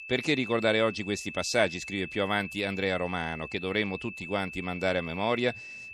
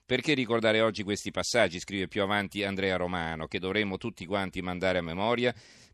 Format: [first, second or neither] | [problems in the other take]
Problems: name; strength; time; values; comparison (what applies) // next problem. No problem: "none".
second | high-pitched whine; noticeable; throughout; 2.5 kHz, 10 dB below the speech